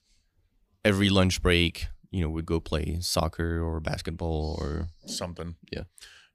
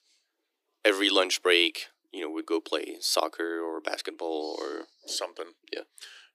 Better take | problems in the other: first | thin; very; fading below 300 Hz

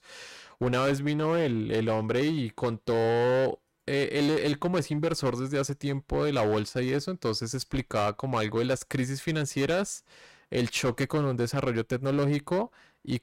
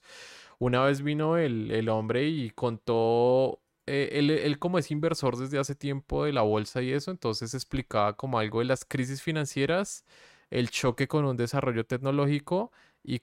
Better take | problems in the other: second | distortion; slight; 11% of the sound clipped

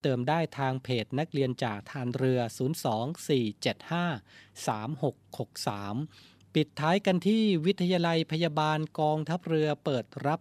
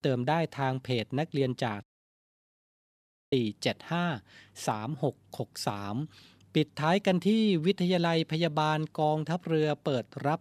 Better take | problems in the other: first | audio cutting out; at 2 s for 1.5 s

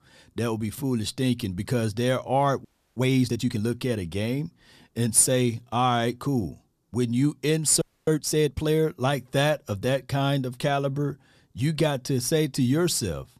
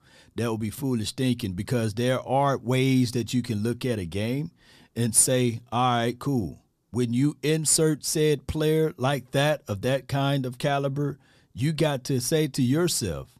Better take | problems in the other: second | audio freezing; at 2.5 s and at 8 s

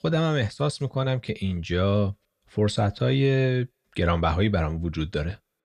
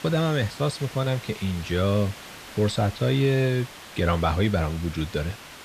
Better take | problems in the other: first | hiss; noticeable; throughout; 15 dB below the speech

